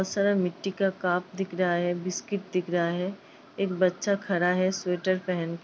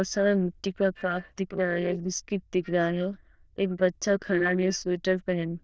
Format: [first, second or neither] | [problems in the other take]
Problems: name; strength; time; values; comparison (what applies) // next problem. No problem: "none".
first | noise reduction (neural diffusion model UNIVERSE++)